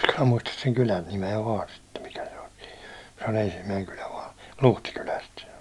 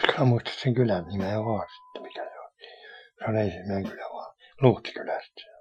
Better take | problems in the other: first | noise reduction (classical method Wiener filter)

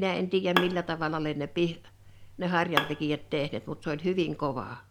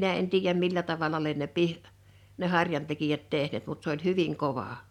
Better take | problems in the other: second | background sound (Bowed string instrument); 6 dB below the speech

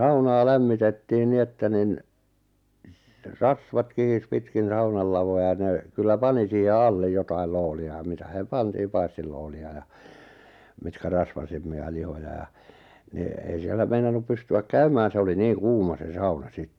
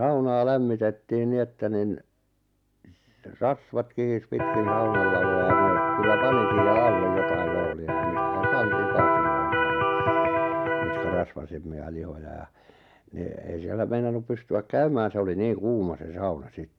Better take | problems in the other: first | background sound (Electric guitar); 4 dB above the speech

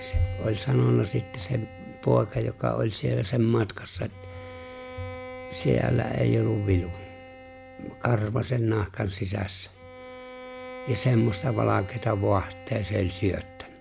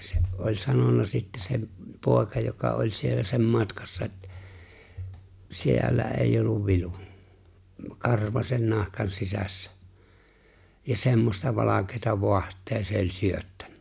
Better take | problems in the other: second | background sound (Bowed string instrument); 17 dB below the speech

